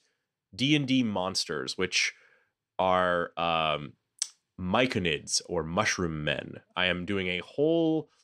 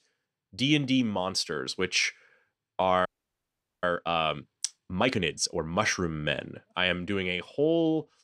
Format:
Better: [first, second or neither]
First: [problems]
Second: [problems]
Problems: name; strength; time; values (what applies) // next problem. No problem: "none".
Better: first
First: none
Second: audio freezing; at 3 s for 1 s